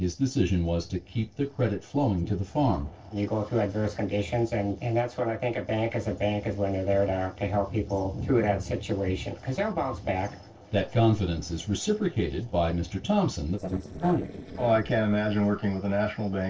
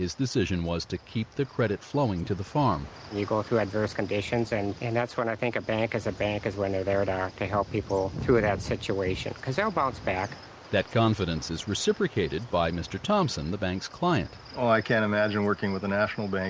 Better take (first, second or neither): second